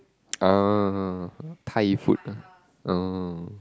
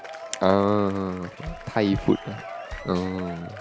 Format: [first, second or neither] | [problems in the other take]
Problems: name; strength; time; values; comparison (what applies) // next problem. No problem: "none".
first | background sound (Applause / Crowd / Cheering + Bass drum); 12 dB below the speech